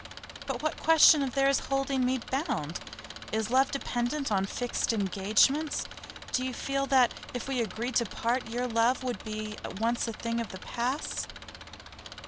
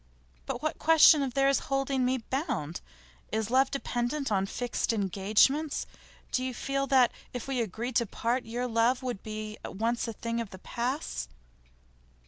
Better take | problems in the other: second | background sound (Engine); 14 dB below the speech

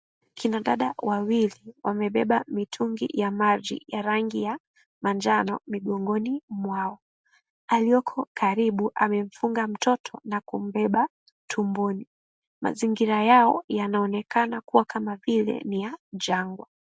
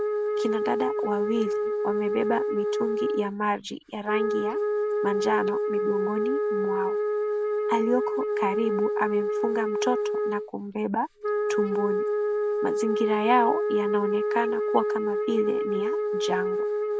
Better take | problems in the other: first | background sound (Wind instrument, woodwind instrument); 3 dB above the speech

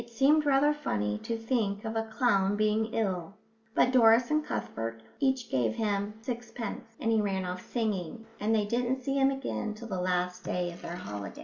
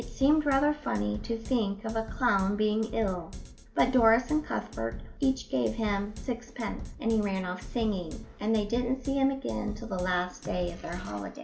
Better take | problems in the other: first | background sound (Drum kit); 12 dB below the speech

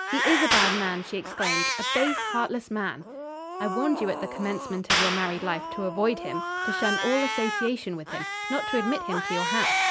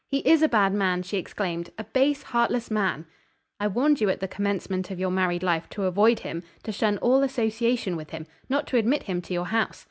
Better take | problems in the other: second | background sound (Clapping + Cat); as loud as the speech

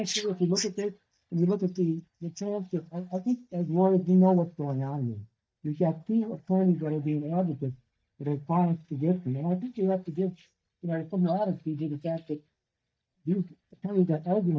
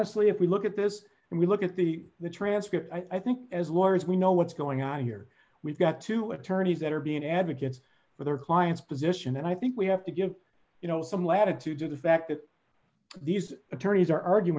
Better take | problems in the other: second | noise reduction (neural mask model DeepFilterNet 3)

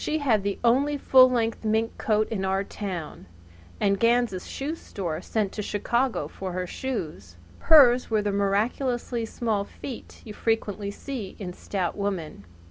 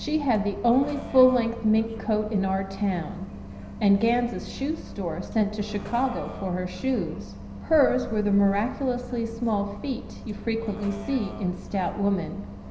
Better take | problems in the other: first | background sound (Bus); 13 dB below the speech // room echo; dies away in 0.9 s

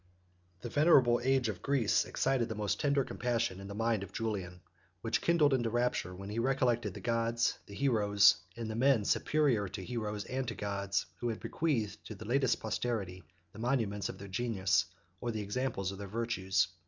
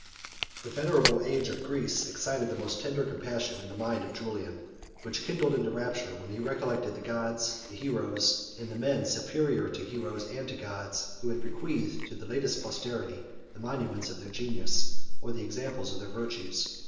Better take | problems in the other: first | background sound (Chewing, mastication); 2 dB above the speech // room echo; dies away in 1 s

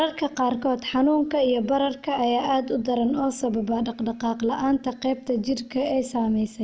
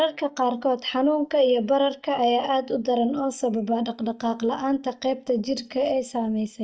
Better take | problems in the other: first | noise reduction (neural mask model DeepFilterNet 3)

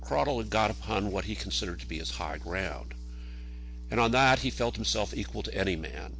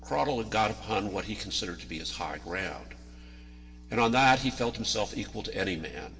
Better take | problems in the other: first | room echo; dies away in 1.3 s

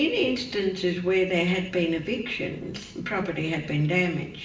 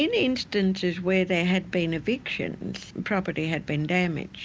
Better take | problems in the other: second | room echo; dies away in 0.7 s

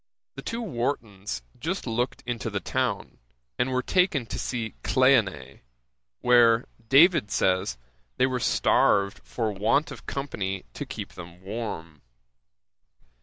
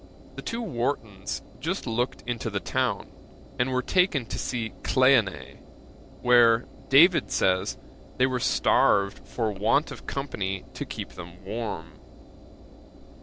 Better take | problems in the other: first | background sound (Engine); 19 dB below the speech

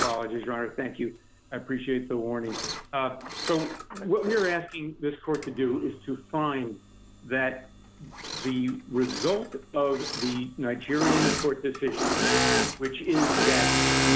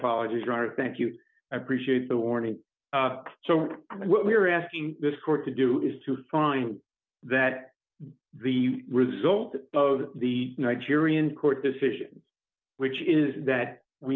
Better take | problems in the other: second | background sound (Engine / Mechanisms); 1 dB below the speech

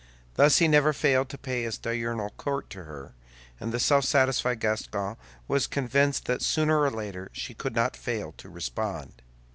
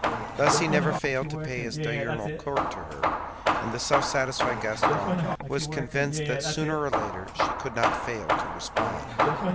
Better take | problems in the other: first | background sound (Hammer / Wood); 3 dB above the speech

